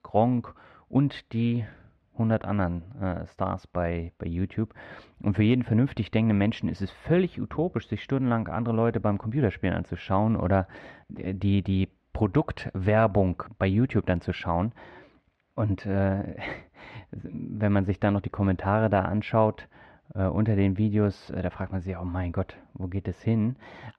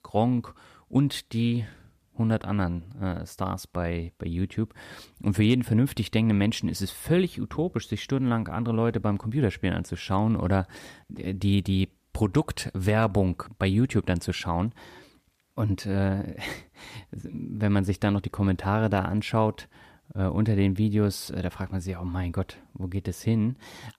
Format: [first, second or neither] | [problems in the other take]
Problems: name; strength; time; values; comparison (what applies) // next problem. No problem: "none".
second | muffled; very; fading above 2 kHz